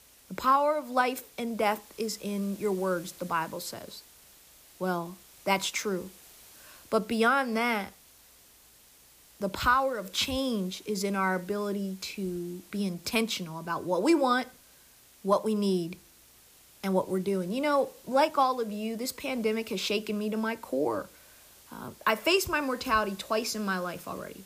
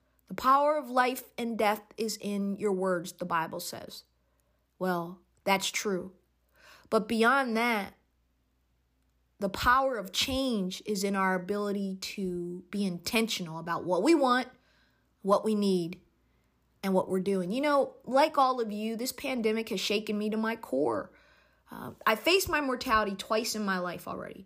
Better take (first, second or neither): second